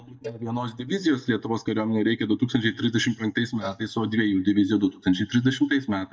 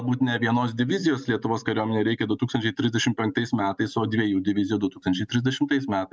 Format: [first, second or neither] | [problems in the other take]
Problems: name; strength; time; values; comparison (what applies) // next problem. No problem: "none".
second | noise reduction (neural mask model DeepFilterNet 3)